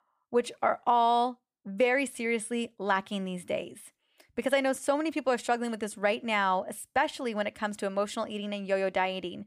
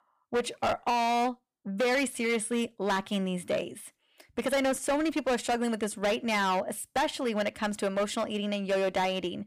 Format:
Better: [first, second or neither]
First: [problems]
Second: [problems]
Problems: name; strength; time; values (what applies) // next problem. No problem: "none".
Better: first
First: none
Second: distortion; heavy; 13% of the sound clipped